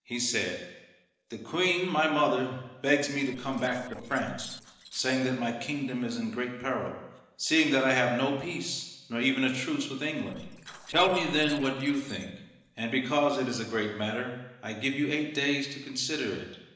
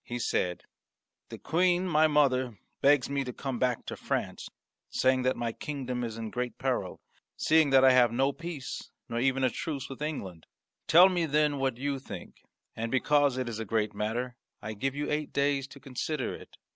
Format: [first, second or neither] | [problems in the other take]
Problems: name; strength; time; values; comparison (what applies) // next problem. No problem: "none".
second | noise reduction (neural separator model SepFormer DNS4)